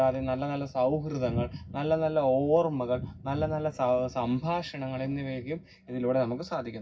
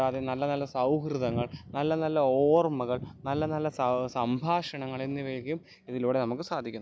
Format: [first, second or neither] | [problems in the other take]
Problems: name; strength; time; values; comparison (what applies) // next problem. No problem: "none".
second | room echo; dies away in 0.4 s